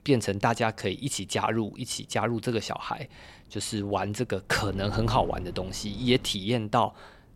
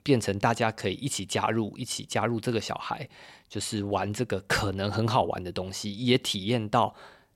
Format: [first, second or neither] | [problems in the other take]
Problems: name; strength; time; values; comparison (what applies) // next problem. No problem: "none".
second | wind noise on the microphone; occasional gusts; 20 dB below the speech